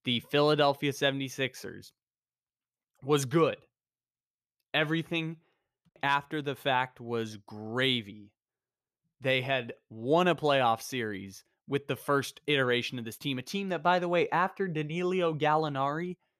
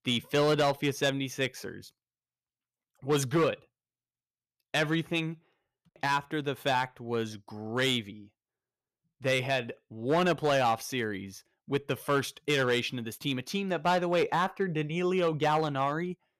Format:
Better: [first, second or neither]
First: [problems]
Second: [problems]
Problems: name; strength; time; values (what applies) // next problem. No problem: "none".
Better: first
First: none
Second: distortion; slight; 3% of the sound clipped